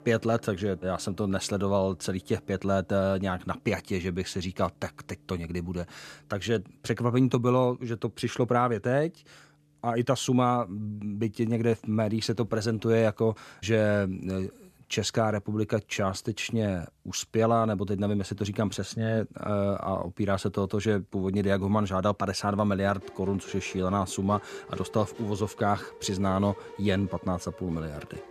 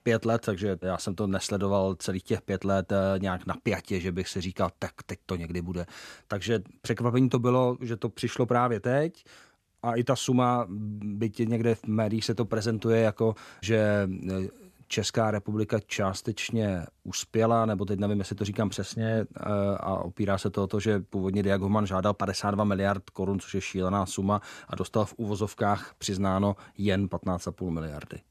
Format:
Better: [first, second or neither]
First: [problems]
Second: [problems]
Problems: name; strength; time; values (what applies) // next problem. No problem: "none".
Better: second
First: background music; noticeable; throughout; 20 dB below the speech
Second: none